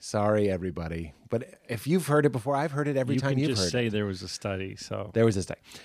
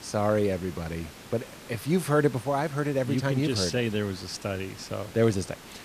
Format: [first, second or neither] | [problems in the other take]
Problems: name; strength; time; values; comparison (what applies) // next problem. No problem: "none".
first | hiss; noticeable; throughout; 15 dB below the speech